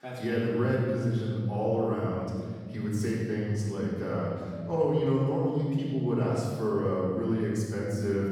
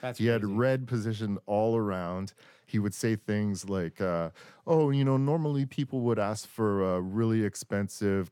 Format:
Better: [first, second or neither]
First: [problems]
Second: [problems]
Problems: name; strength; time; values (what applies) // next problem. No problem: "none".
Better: second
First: room echo; strong; dies away in 2.4 s // off-mic speech; far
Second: none